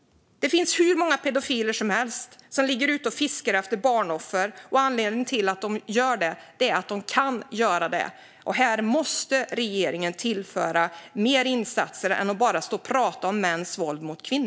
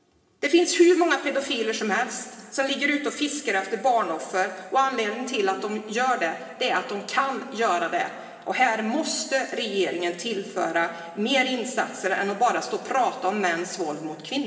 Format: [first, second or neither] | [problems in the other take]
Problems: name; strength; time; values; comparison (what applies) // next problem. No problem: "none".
first | room echo; dies away in 2.8 s